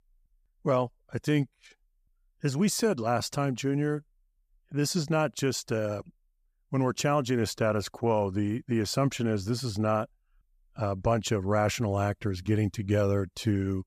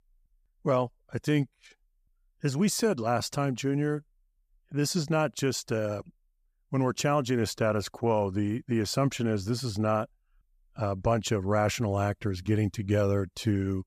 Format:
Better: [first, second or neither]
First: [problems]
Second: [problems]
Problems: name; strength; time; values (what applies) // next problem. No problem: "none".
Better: neither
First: none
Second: none